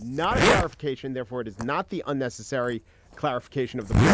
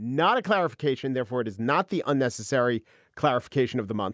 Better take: second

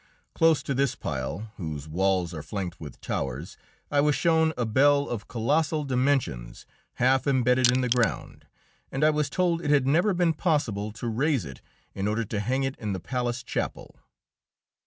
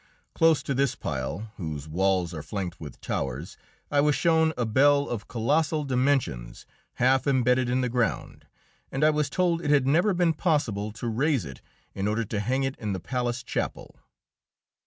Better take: second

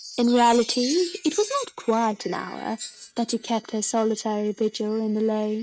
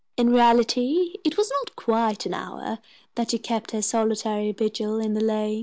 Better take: second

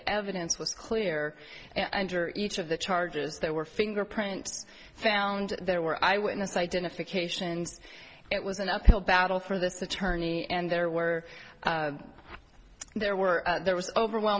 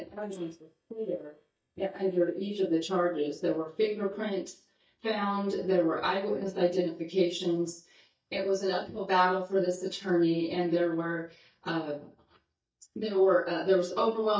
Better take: first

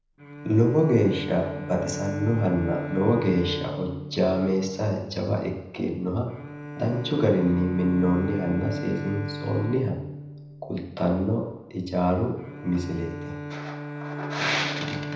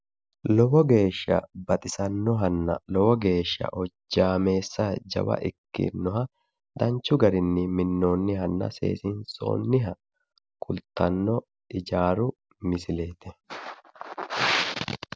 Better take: second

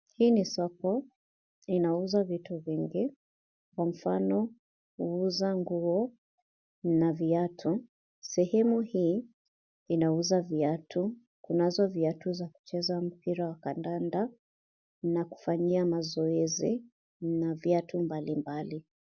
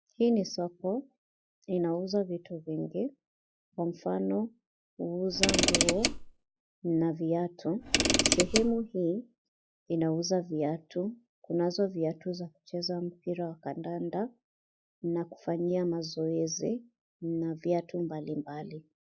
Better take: first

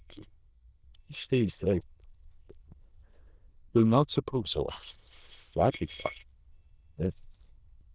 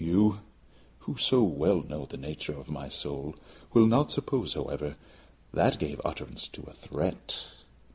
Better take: second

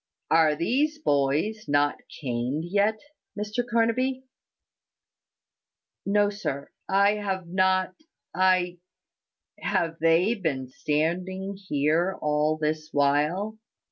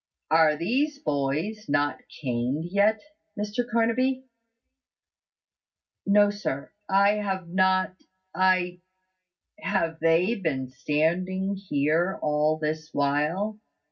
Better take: first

